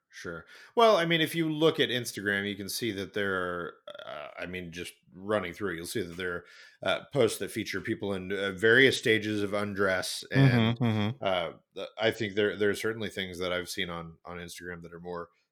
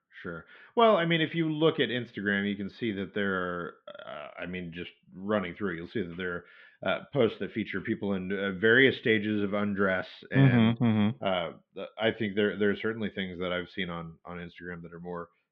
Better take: first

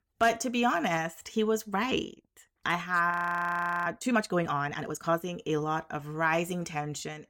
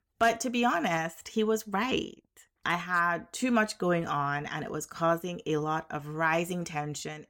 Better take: second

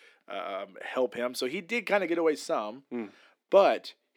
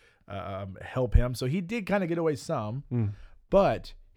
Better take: second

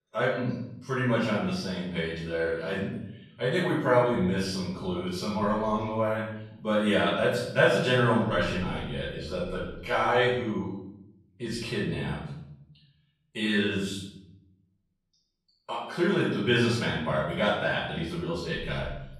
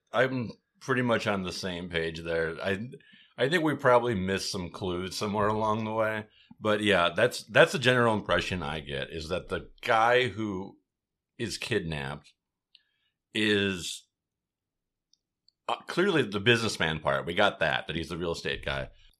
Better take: second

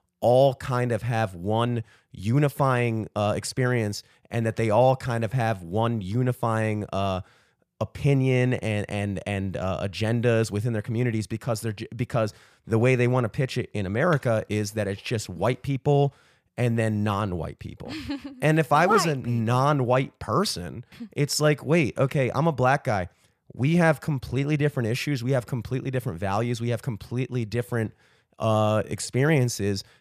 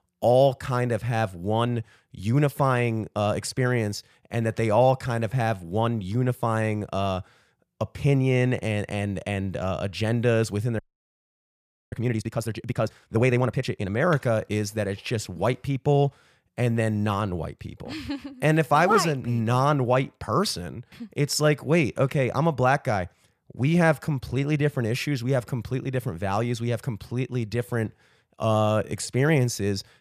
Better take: first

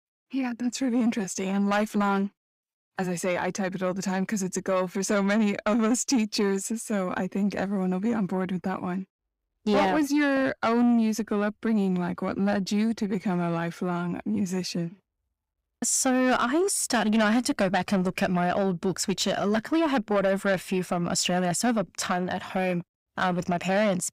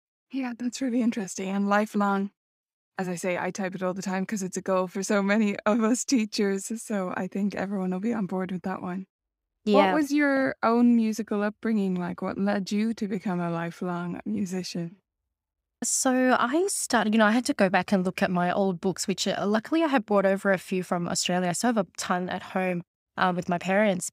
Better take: second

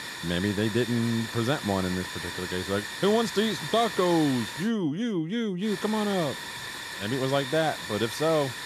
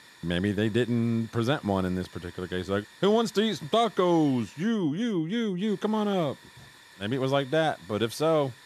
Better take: second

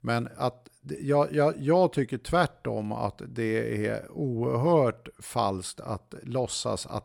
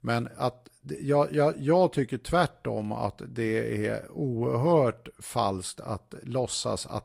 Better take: first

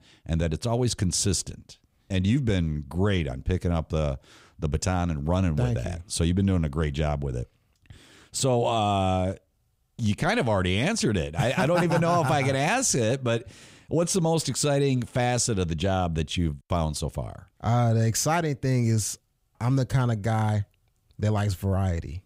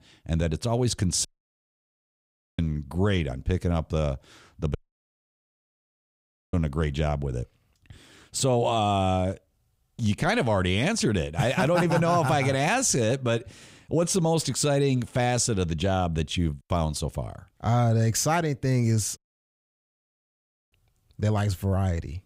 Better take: first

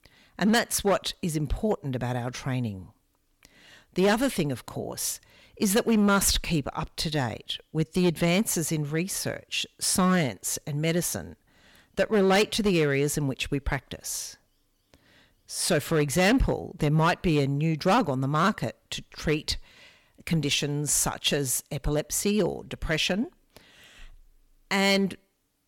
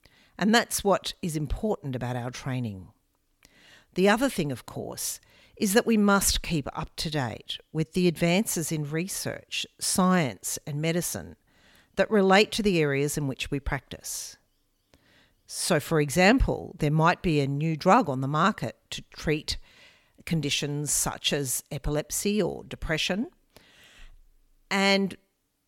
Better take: second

